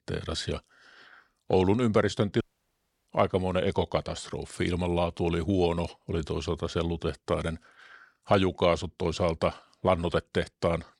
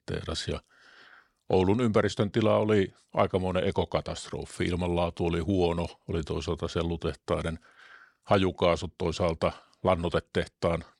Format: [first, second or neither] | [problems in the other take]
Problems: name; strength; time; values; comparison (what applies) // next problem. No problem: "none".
second | audio cutting out; at 2.5 s for 0.5 s